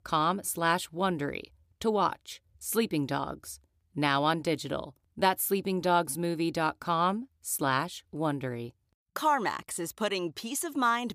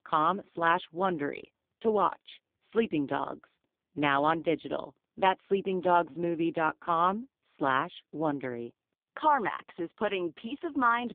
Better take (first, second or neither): first